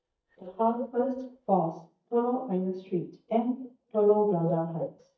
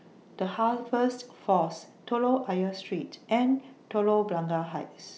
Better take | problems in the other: second | noise reduction (neural mask model DeepFilterNet 3)

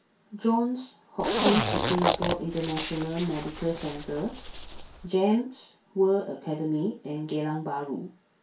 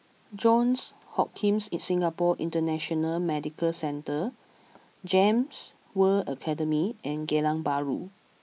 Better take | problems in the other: second | background sound (Zipper (clothing)); 2 dB below the speech // room echo; dies away in 0.2 s

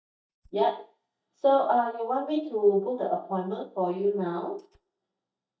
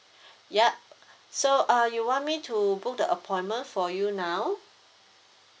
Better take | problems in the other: second | noise reduction (neural mask model DeepFilterNet 3)

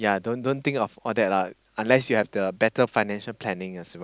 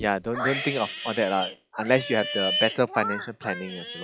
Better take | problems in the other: first | noise reduction (classical method log-MMSE)

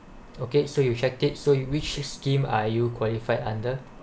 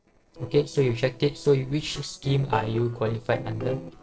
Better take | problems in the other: first | noise reduction (neural separator model SepFormer DNS4)

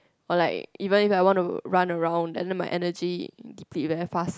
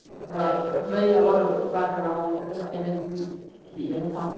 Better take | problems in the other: first | noise reduction (neural separator model SepFormer DNS4)

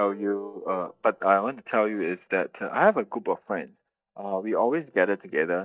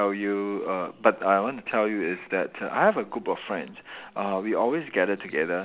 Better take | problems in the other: second | noise reduction (neural mask model DeepFilterNet 3)

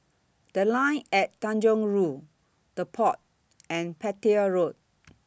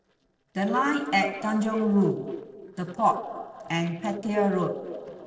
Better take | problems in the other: first | noise reduction (neural separator model SepFormer DNS4)

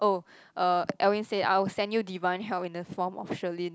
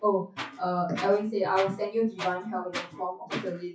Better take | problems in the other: first | noise reduction (classical method WPE with log-MMSE)

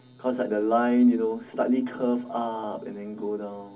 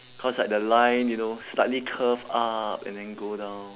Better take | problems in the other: second | room echo; dies away in 0.4 s

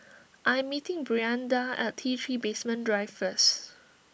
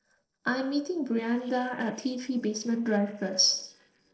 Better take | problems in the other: first | noise reduction (neural separator model SepFormer DNS4)

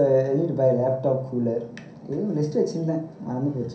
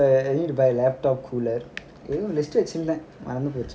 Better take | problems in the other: second | room echo; dies away in 0.6 s

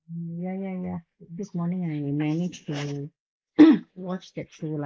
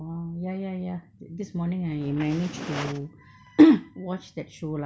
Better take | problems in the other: second | noise reduction (neural mask model Resemble Enhance denoiser)

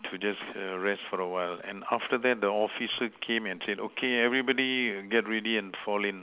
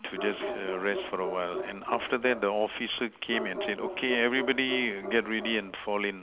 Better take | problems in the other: first | background sound (Bark); 8 dB below the speech

